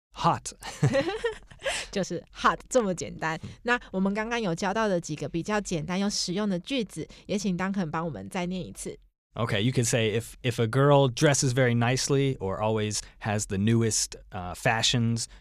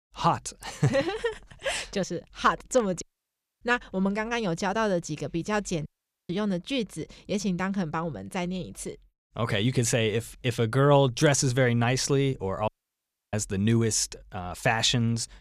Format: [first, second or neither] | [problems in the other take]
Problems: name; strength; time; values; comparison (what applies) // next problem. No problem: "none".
first | audio cutting out; at 3 s for 0.5 s, at 6 s and at 13 s for 0.5 s